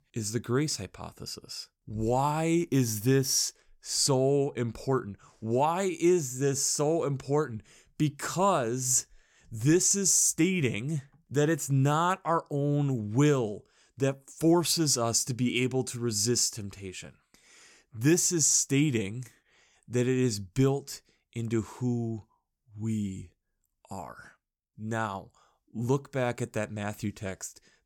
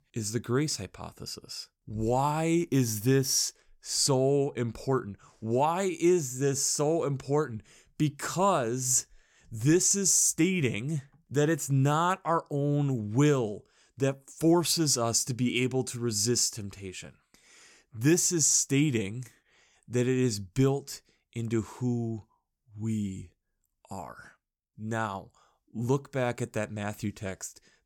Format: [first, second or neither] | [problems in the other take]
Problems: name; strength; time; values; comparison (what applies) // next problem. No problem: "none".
neither | none